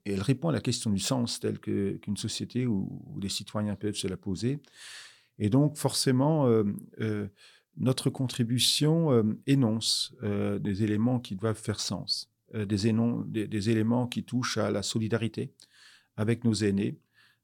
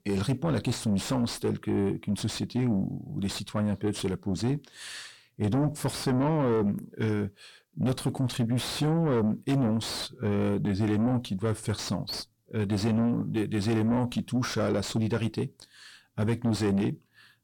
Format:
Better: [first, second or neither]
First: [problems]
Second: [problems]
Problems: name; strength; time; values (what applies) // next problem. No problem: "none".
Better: first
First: none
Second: distortion; heavy; 7 dB below the speech